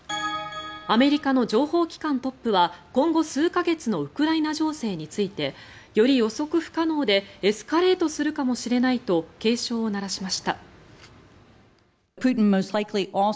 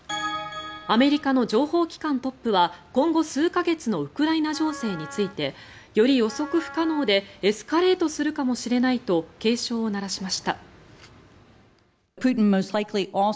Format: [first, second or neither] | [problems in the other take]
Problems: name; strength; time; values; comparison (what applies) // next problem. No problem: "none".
first | background sound (Wind instrument, woodwind instrument); 18 dB below the speech